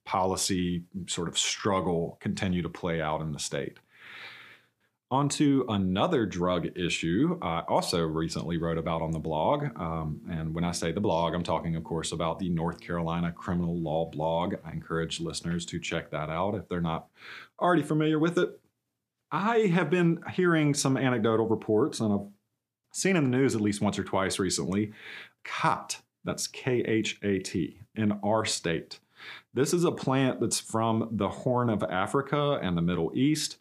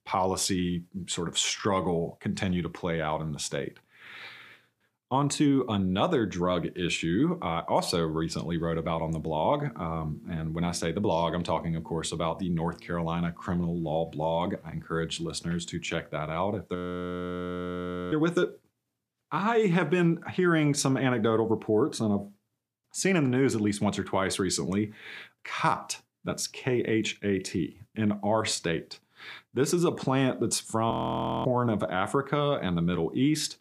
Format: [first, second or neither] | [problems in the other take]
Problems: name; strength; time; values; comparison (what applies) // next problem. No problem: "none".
first | audio freezing; at 17 s for 1.5 s and at 31 s for 0.5 s